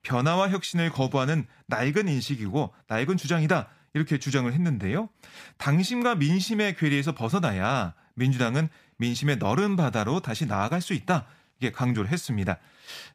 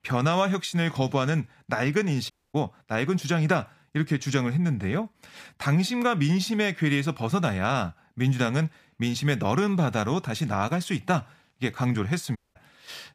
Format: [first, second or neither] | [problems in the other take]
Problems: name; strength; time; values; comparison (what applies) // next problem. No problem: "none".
first | audio cutting out; at 2.5 s and at 12 s